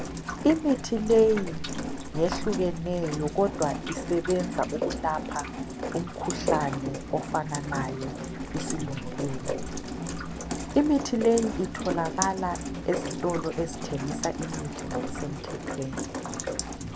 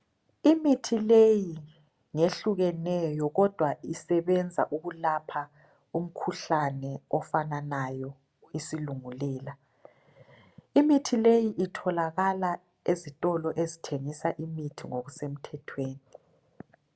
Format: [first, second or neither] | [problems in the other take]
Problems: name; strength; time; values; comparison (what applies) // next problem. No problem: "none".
second | background sound (Rain); 4 dB below the speech